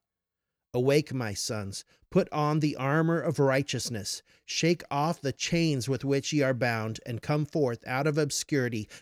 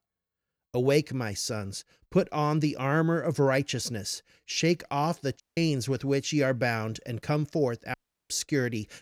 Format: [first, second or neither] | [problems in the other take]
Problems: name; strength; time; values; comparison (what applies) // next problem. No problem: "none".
first | audio cutting out; at 5.5 s and at 8 s